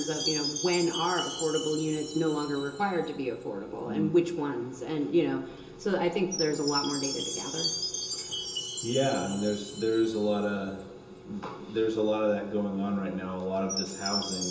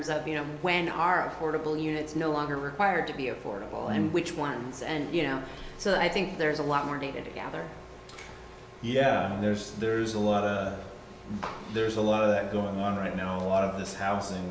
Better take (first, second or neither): second